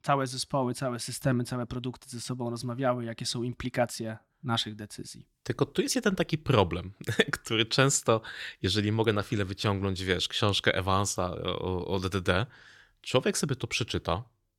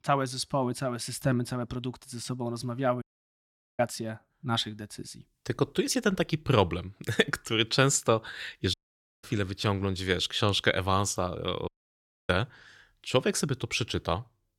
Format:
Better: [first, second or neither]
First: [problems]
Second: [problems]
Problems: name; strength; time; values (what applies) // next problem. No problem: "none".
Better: first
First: none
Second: audio cutting out; at 3 s for 1 s, at 8.5 s and at 12 s for 0.5 s